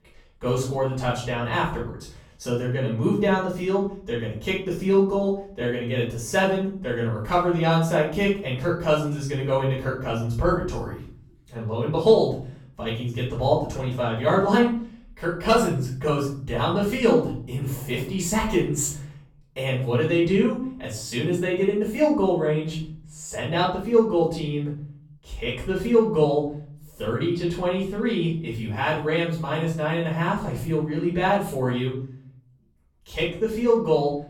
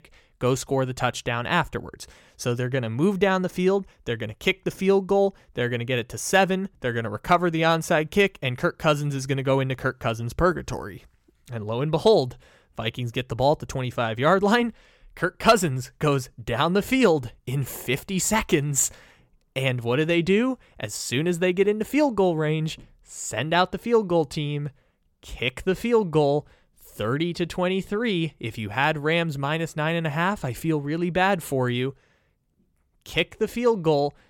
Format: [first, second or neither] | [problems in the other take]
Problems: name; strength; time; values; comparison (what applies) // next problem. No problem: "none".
second | off-mic speech; far // room echo; noticeable; dies away in 0.6 s